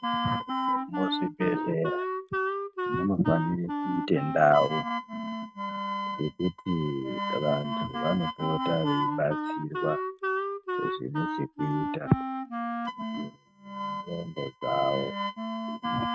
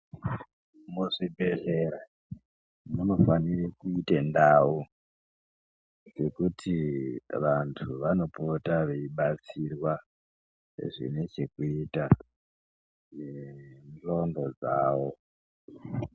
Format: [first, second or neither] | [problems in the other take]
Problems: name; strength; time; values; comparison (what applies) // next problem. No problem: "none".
second | noise reduction (neural mask model RNNoise)